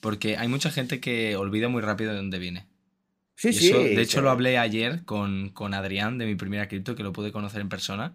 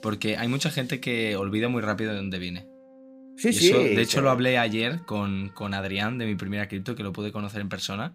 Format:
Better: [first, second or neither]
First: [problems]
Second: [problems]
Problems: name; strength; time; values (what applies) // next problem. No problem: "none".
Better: first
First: none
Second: background music; faint; until 6.5 s; 25 dB below the speech